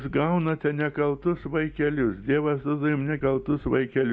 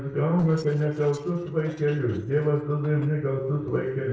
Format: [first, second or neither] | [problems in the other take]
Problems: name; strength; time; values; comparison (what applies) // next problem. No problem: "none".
first | noise reduction (neural separator model SepFormer DNS4)